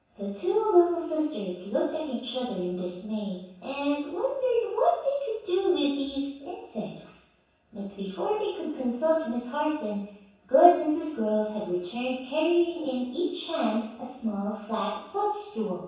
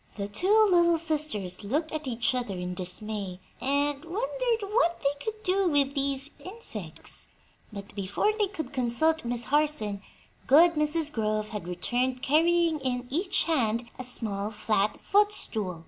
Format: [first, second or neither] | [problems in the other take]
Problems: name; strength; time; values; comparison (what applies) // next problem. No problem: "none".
second | room echo; dies away in 0.7 s